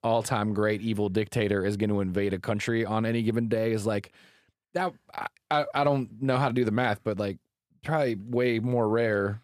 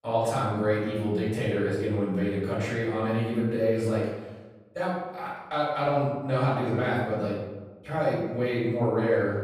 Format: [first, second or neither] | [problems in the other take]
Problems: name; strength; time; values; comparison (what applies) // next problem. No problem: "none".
first | off-mic speech; far // room echo; strong; dies away in 1.1 s